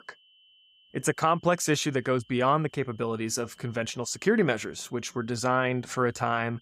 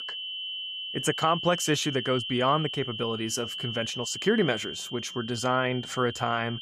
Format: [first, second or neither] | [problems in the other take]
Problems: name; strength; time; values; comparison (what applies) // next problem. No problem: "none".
first | high-pitched whine; loud; throughout; 3 kHz, 6 dB below the speech; faint in the first